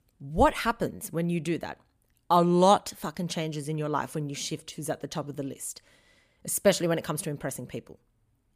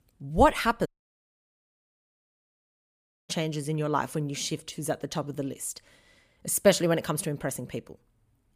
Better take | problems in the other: first | audio cutting out; at 1 s for 2.5 s

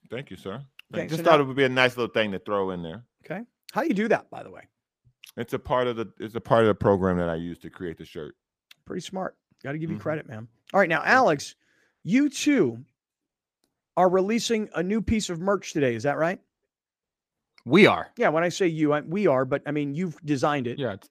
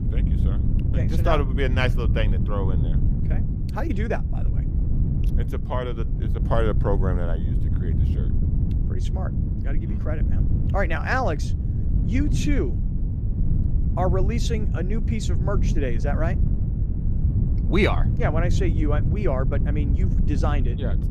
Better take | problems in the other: first | wind noise on the microphone; heavy; 9 dB below the speech

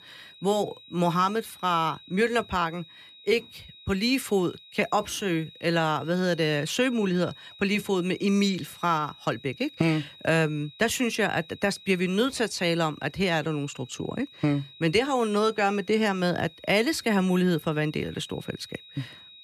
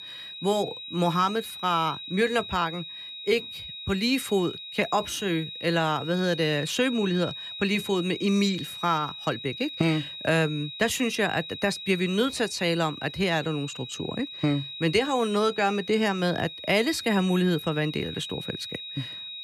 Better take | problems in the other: first | high-pitched whine; loud; throughout; 4 kHz, 10 dB below the speech; faint in the first

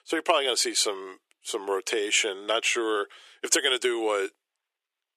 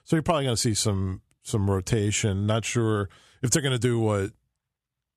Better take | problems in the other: second | thin; very; fading below 350 Hz

